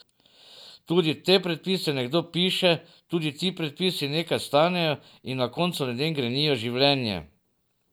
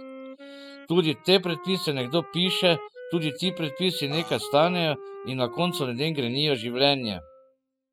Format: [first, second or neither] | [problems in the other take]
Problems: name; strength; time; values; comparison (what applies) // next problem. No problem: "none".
first | noise reduction (classical method spectral subtraction)